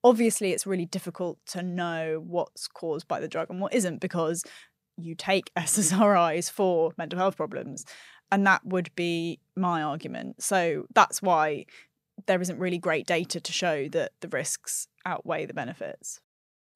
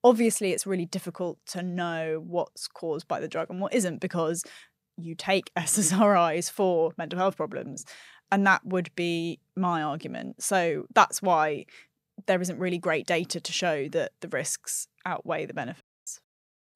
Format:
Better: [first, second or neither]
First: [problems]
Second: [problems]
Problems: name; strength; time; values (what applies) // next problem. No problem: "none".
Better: first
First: none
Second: audio cutting out; at 16 s